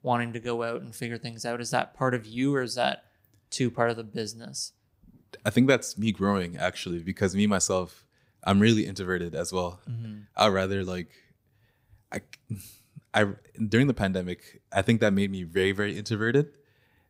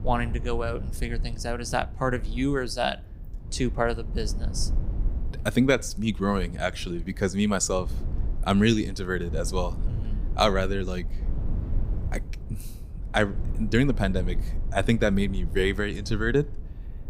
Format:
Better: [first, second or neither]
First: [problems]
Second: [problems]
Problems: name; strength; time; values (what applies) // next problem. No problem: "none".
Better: first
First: none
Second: low rumble; faint; throughout; 20 dB below the speech